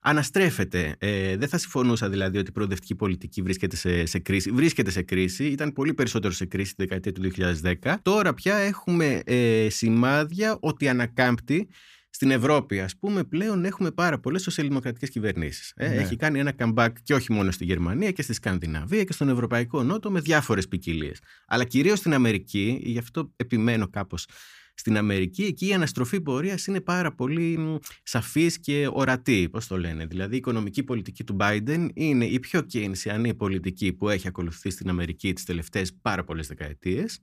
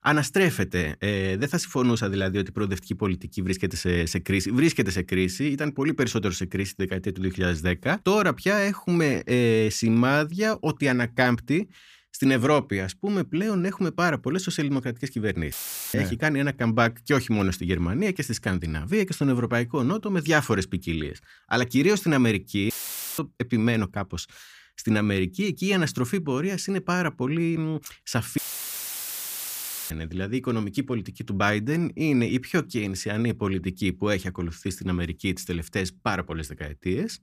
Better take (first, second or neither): first